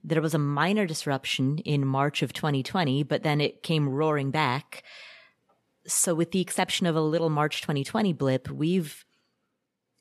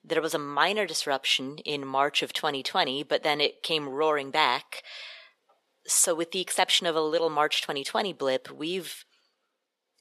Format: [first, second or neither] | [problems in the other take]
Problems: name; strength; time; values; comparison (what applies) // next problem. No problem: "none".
first | thin; very; fading below 550 Hz